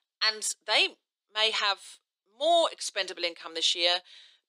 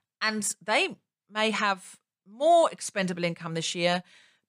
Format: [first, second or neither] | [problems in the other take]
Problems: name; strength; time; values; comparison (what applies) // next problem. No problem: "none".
second | thin; very; fading below 300 Hz